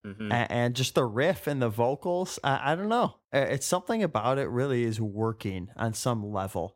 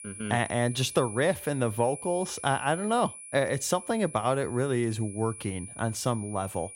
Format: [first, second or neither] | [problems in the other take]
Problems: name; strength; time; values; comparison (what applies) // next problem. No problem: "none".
first | high-pitched whine; noticeable; throughout; 10 kHz, 10 dB below the speech